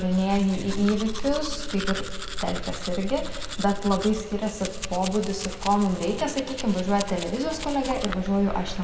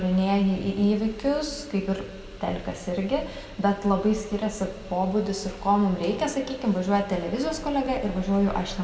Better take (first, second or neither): second